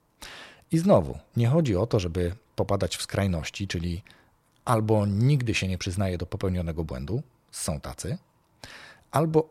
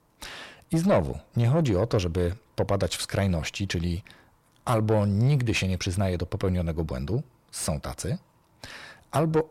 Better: first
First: none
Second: distortion; slight; 10 dB below the speech

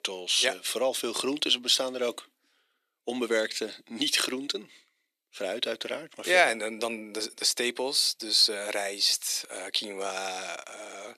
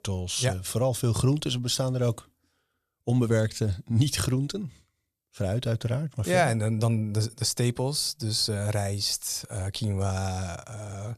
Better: second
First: thin; very; fading below 300 Hz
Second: none

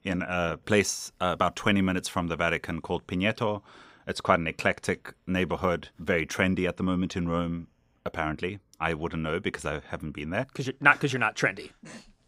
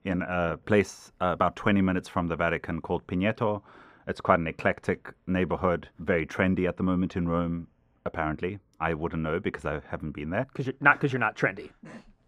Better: first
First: none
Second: muffled; slightly; fading above 3 kHz

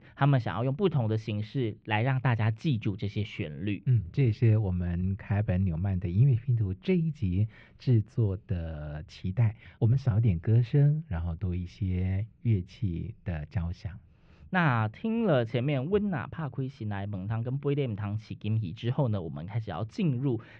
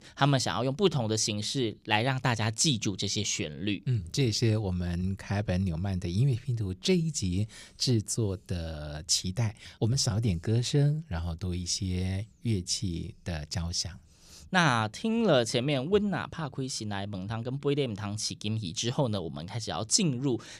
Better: second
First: muffled; very; fading above 2.5 kHz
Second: none

